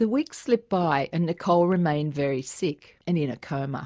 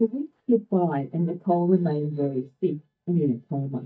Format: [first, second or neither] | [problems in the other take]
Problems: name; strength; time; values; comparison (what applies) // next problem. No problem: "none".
first | noise reduction (neural mask model DeepFilterNet 3)